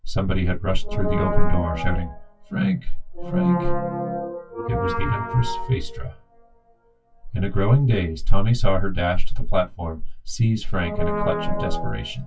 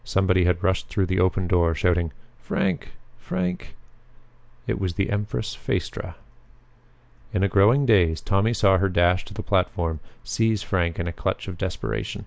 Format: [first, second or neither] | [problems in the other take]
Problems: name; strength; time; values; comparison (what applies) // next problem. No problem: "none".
second | noise reduction (classical method WPE with log-MMSE)